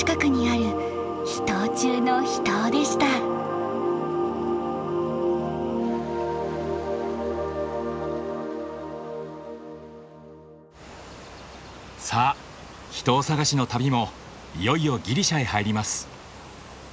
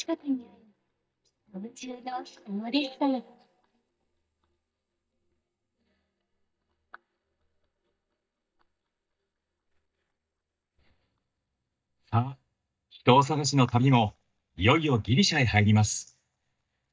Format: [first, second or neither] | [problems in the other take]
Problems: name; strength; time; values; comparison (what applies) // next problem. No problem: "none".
first | noise reduction (neural mask model DeepFilterNet 3)